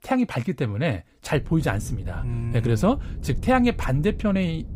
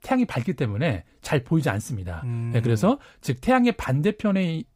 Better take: second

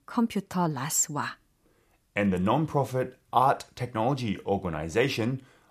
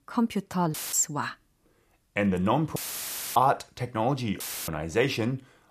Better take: first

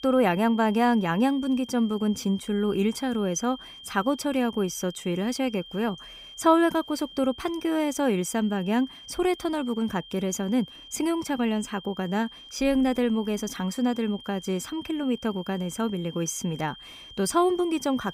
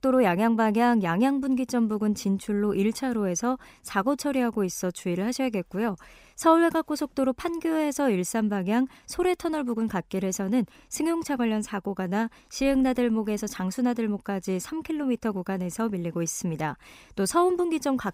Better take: second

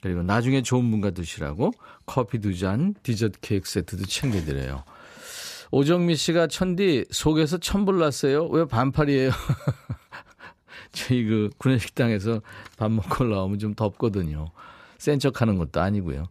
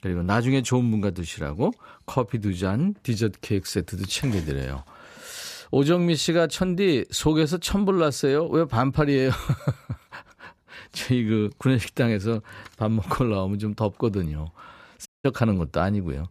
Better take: first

